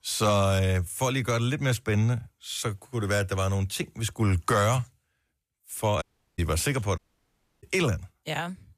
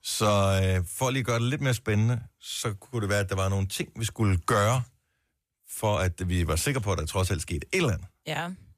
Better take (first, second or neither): second